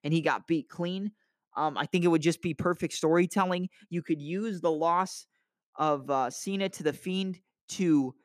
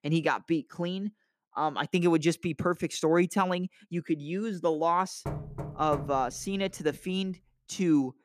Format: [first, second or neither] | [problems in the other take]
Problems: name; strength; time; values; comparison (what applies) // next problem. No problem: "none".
first | door banging; noticeable; from 5.5 to 6.5 s; peak 9 dB below the speech